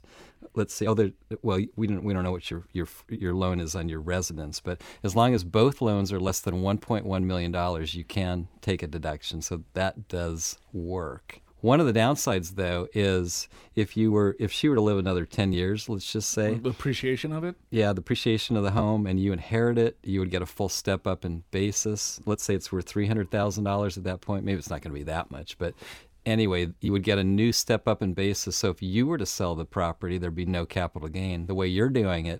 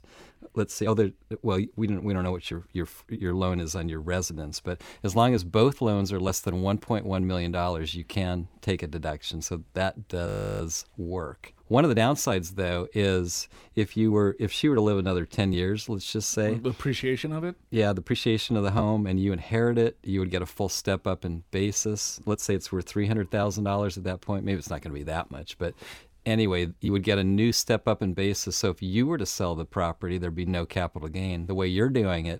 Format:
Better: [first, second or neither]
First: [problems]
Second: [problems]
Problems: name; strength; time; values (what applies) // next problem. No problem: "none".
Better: first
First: none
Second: audio freezing; at 10 s